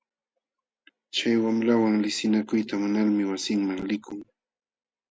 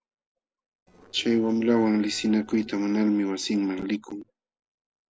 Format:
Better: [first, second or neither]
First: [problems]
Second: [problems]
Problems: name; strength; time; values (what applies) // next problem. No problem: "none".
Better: first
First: none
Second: noise reduction (neural separator model SepFormer DNS4)